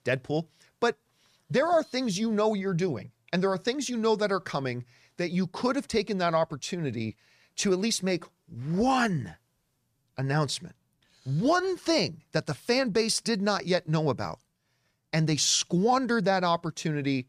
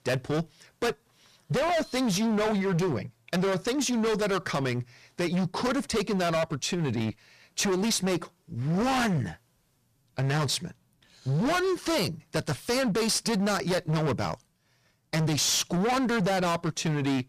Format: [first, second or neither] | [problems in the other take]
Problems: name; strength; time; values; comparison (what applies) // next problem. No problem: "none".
first | distortion; heavy; 25% of the sound clipped